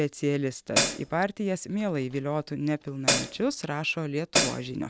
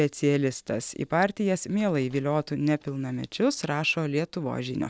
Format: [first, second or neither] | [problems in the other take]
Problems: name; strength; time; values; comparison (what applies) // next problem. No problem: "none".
second | background sound (Hi-hat); 3 dB above the speech